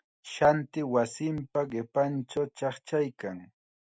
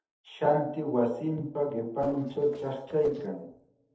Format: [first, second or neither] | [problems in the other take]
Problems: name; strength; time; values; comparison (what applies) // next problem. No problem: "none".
first | noise reduction (neural separator model SepFormer DNS4)